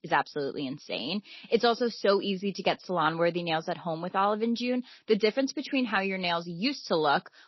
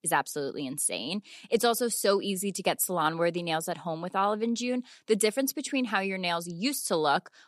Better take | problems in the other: second | garbled, watery; slightly; nothing above 5.5 kHz

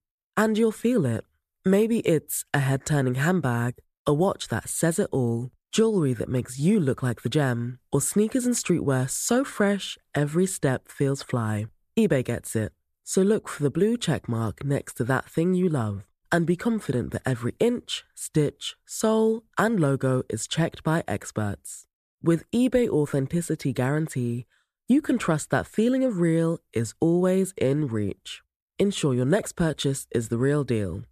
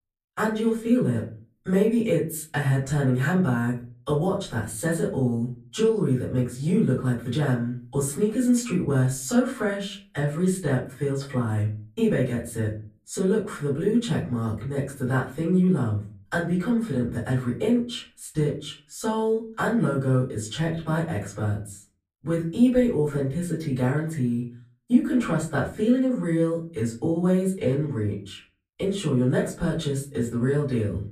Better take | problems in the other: first | off-mic speech; far // room echo; slight; dies away in 0.3 s

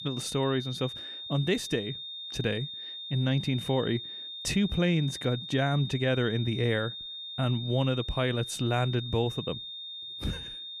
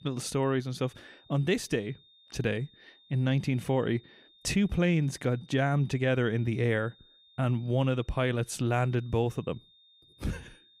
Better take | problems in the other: second | high-pitched whine; loud; throughout; 3.5 kHz, 8 dB below the speech; faint in the second

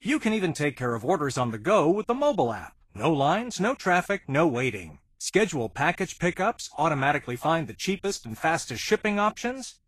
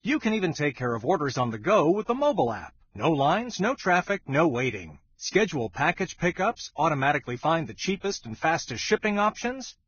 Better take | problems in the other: first | garbled, watery; badly; nothing above 6.5 kHz; slightly in the first

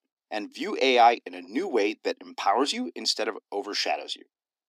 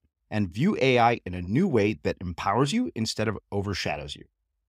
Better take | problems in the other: second | thin; somewhat; fading below 250 Hz

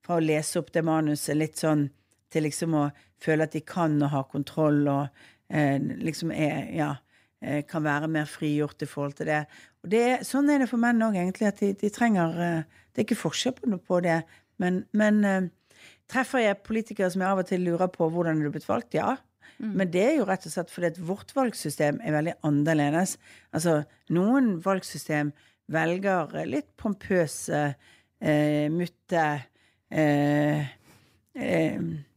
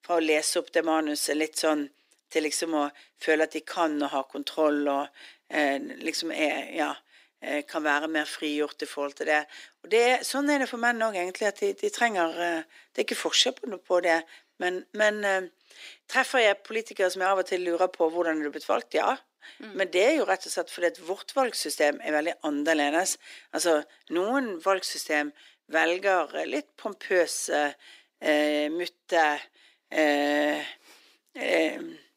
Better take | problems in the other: first | thin; somewhat; fading below 300 Hz

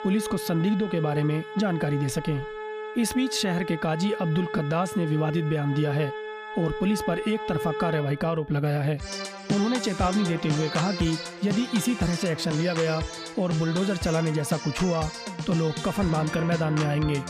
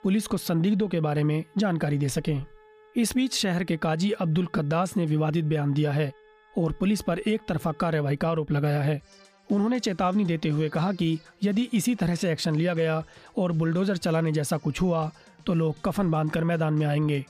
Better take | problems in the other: second | background music; loud; throughout; 7 dB below the speech; faint in the second

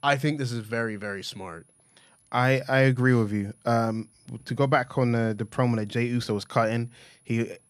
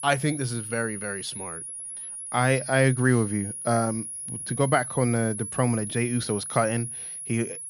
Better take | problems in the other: first | high-pitched whine; loud; throughout; 10.5 kHz, 7 dB below the speech; faint in the first

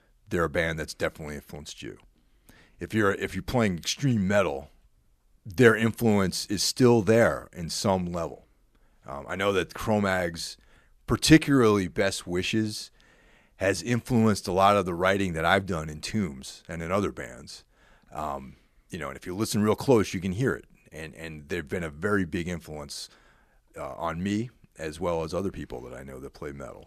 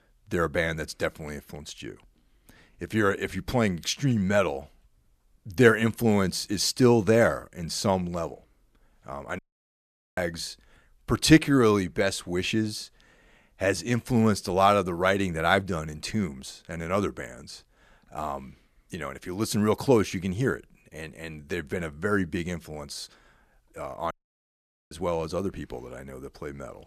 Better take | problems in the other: first | audio cutting out; at 9.5 s for 1 s and at 24 s for 1 s

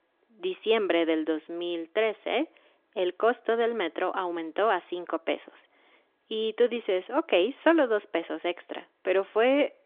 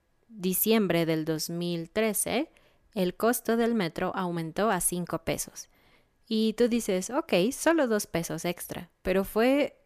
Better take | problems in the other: second | phone-call audio; nothing above 3.5 kHz

